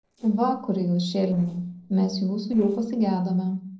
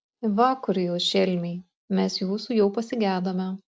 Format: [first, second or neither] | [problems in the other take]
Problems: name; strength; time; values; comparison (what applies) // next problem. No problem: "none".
second | noise reduction (neural separator model SepFormer DNS4)